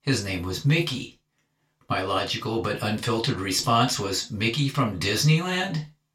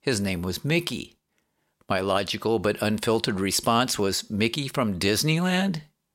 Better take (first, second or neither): second